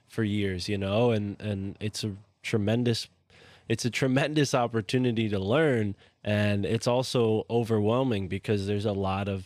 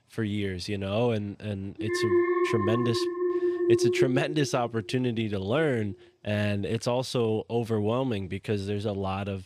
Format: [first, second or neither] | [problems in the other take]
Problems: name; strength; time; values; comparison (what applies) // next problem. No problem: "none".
first | alarm; loud; from 2 to 4.5 s; peak 5 dB above the speech